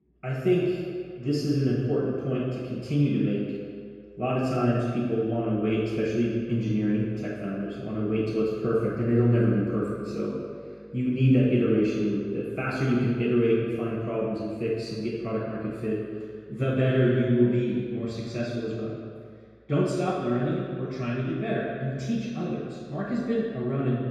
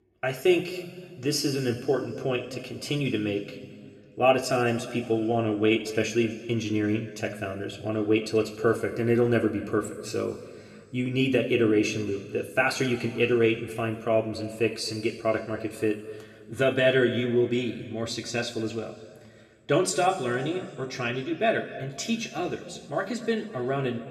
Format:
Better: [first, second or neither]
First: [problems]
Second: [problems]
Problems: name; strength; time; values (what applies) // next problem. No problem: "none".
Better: second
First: room echo; strong; dies away in 2 s // off-mic speech; far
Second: room echo; slight; dies away in 1.8 s // off-mic speech; somewhat distant